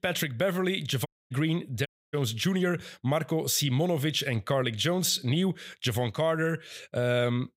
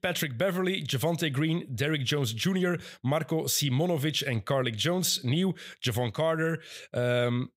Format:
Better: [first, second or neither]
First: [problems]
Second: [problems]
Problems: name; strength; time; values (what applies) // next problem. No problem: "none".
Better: second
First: audio cutting out; at 1 s and at 2 s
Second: none